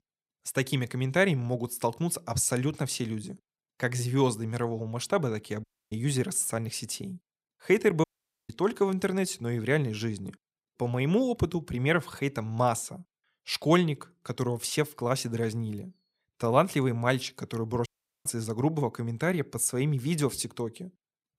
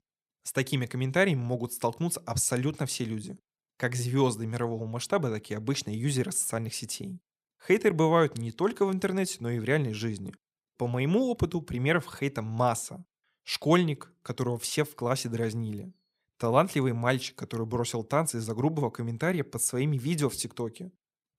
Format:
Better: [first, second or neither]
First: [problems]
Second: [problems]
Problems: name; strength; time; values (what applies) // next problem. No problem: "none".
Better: second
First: audio cutting out; at 5.5 s, at 8 s and at 18 s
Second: none